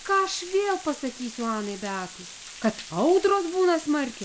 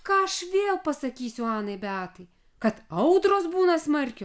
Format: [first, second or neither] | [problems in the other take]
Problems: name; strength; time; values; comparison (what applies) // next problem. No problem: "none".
second | background sound (Water); 16 dB below the speech